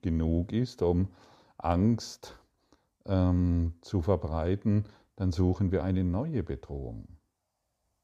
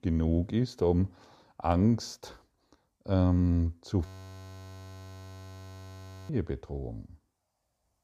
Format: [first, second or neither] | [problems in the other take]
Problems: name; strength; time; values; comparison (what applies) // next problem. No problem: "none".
first | audio freezing; at 4 s for 2 s